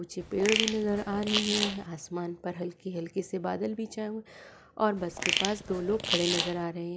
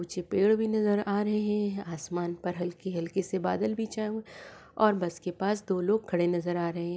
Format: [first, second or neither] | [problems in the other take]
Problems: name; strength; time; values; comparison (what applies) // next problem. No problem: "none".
second | background sound (Fart); 1 dB below the speech